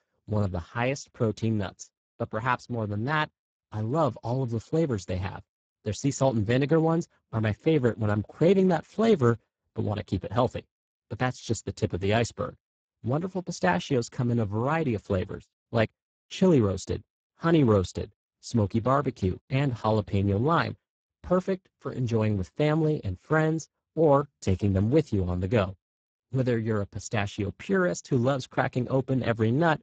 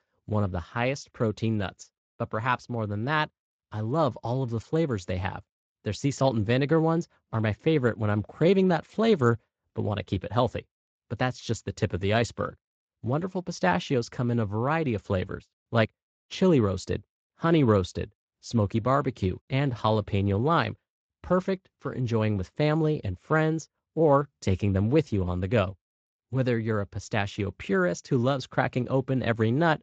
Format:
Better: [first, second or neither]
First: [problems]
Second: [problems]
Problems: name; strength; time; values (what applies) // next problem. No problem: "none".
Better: second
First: garbled, watery; badly; nothing above 7.5 kHz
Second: garbled, watery; slightly; nothing above 7.5 kHz